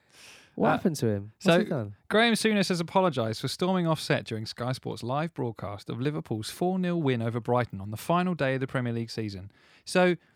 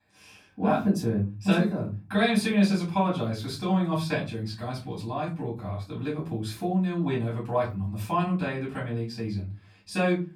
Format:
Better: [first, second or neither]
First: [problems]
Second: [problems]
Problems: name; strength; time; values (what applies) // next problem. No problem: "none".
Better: first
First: none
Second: off-mic speech; far // room echo; slight; dies away in 0.3 s